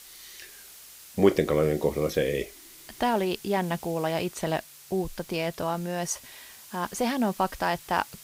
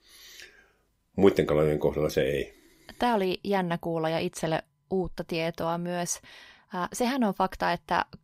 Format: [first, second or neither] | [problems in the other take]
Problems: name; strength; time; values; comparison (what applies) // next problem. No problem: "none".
second | hiss; noticeable; throughout; 20 dB below the speech